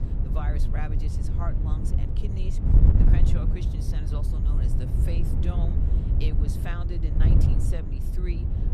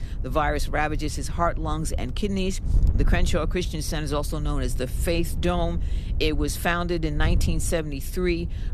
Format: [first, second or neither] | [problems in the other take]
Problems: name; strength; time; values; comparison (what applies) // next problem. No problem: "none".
second | wind noise on the microphone; heavy; 2 dB above the speech; occasional gusts in the second